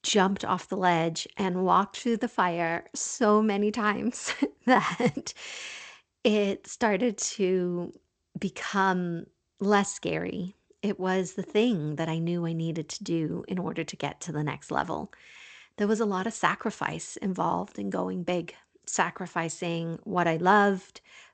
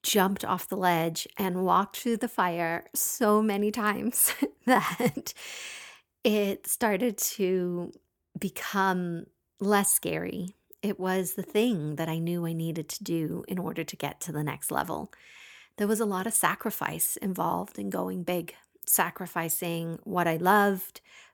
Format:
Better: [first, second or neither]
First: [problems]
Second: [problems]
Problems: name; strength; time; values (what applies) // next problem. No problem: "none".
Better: second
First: garbled, watery; slightly; nothing above 8 kHz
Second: none